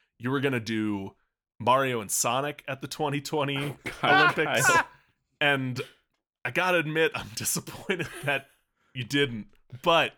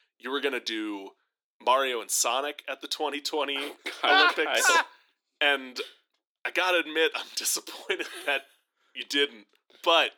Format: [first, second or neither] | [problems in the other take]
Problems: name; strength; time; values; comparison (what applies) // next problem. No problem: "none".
first | thin; somewhat; fading below 300 Hz